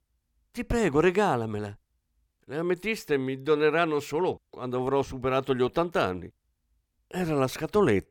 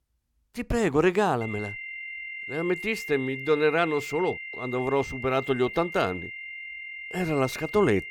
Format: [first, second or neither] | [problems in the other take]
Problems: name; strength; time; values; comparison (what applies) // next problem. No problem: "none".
first | high-pitched whine; loud; from 1.5 s on; 2 kHz, 9 dB below the speech